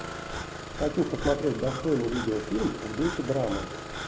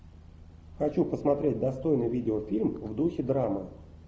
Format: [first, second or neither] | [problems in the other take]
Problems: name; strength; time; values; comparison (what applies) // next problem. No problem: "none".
second | background sound (Breathing + Engine starting); 7 dB below the speech